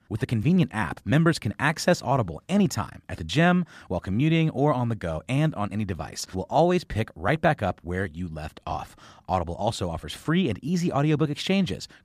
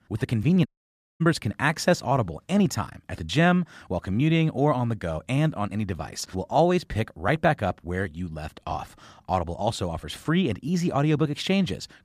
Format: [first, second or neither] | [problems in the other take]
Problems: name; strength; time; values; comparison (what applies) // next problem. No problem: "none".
first | audio cutting out; at 0.5 s for 0.5 s